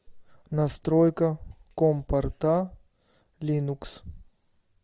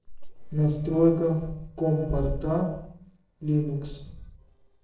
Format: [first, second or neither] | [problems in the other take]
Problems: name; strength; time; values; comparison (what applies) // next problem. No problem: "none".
first | noise reduction (neural separator model SepFormer DNS4)